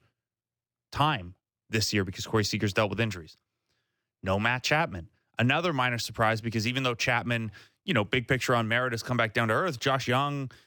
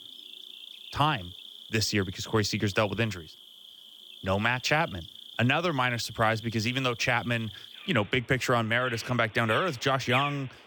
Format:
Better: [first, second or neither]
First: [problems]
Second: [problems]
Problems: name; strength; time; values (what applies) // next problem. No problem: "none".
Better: first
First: none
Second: animal sounds; noticeable; throughout; 15 dB below the speech